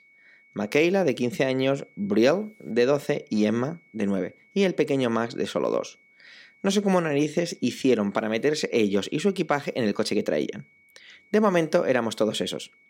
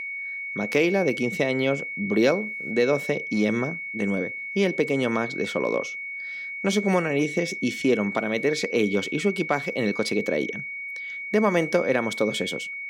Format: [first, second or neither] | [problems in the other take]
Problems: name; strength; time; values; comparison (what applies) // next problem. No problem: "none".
first | high-pitched whine; loud; throughout; 2 kHz, 6 dB below the speech; faint in the first